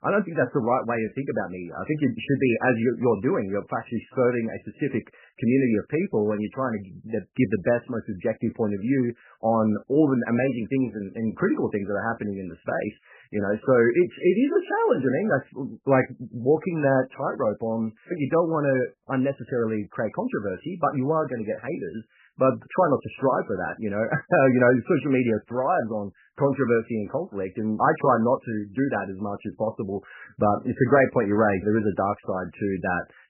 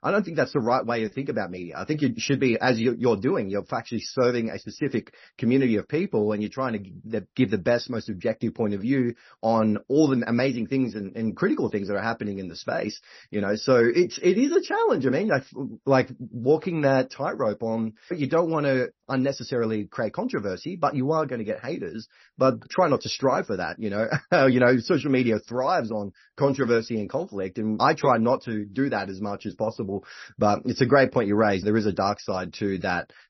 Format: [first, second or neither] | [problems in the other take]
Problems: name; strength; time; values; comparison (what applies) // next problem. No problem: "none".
second | garbled, watery; badly; nothing above 3 kHz; slightly in the second